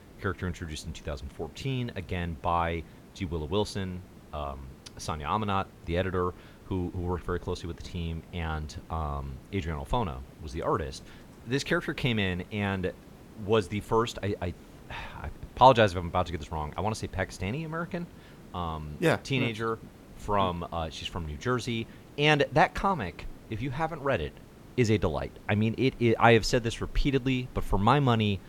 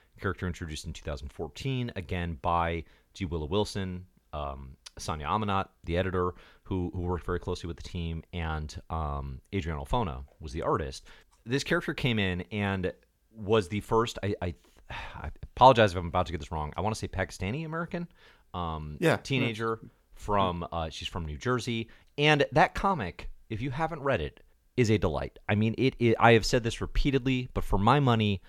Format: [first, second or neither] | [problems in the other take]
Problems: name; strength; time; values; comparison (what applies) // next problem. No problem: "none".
second | hiss; faint; throughout; 20 dB below the speech